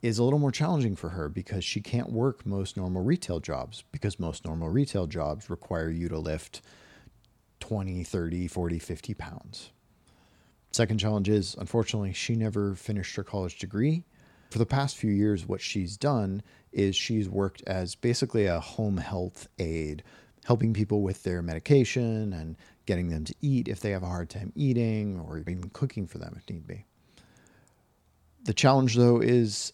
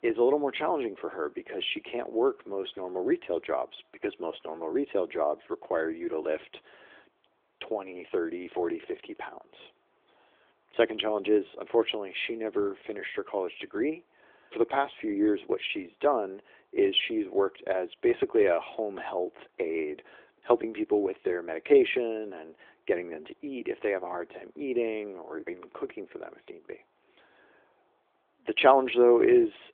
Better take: first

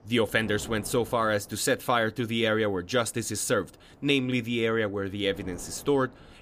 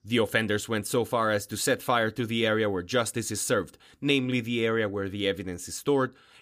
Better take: second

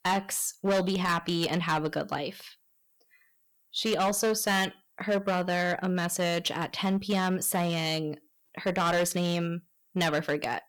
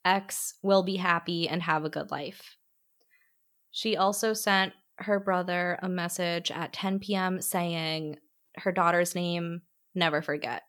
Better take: second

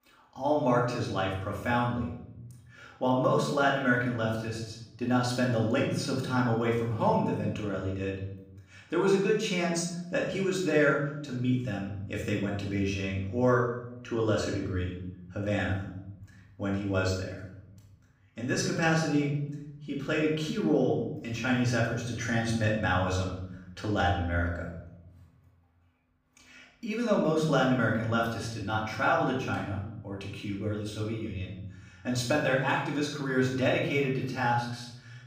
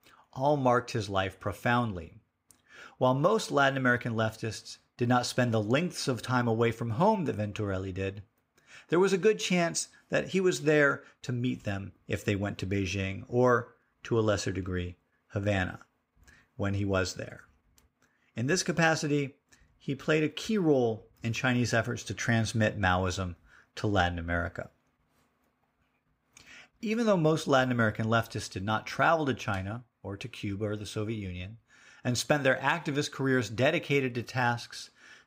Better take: second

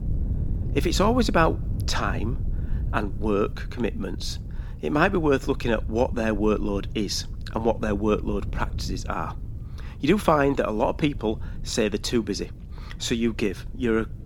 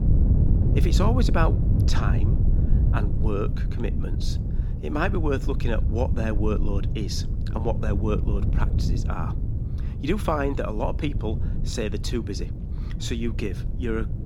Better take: first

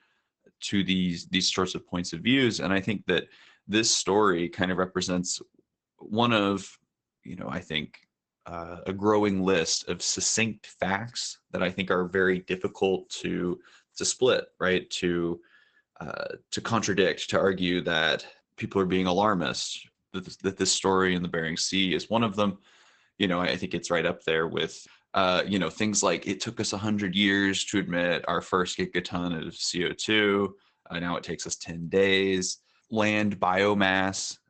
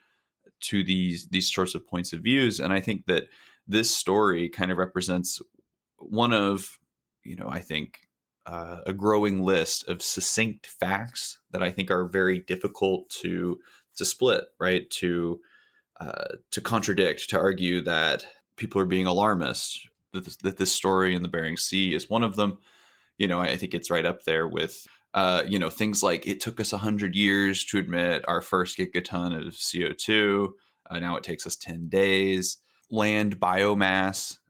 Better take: second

